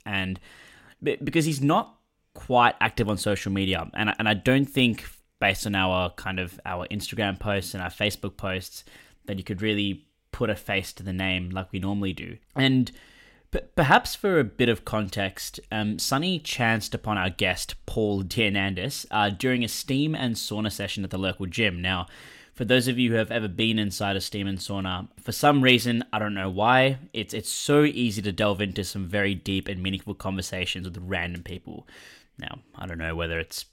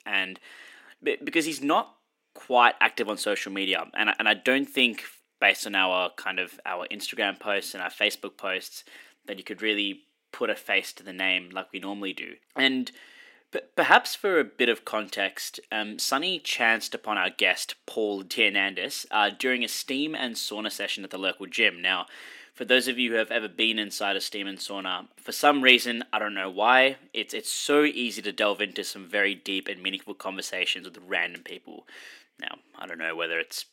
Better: first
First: none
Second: thin; somewhat; fading below 300 Hz

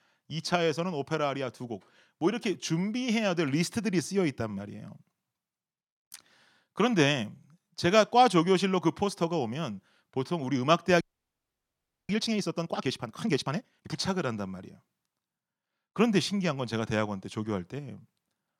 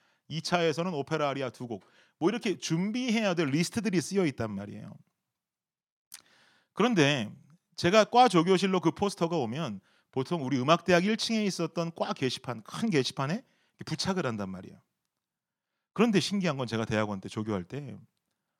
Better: second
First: audio freezing; at 11 s for 1 s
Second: none

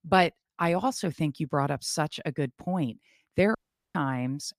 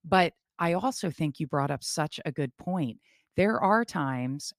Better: second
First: audio cutting out; at 3.5 s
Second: none

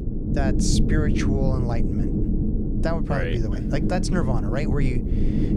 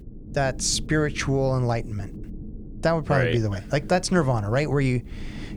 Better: second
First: low rumble; loud; throughout; 2 dB below the speech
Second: low rumble; faint; throughout; 20 dB below the speech

